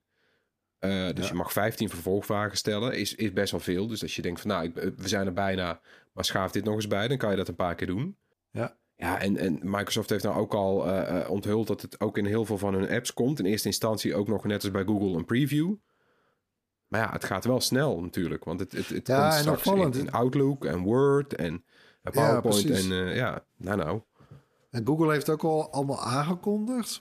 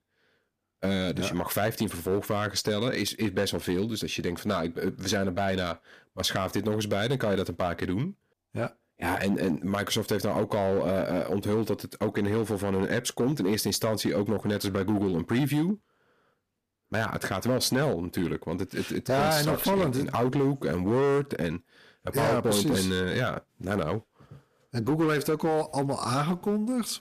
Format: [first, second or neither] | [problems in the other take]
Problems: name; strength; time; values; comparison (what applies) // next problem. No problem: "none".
first | distortion; slight; 7% of the sound clipped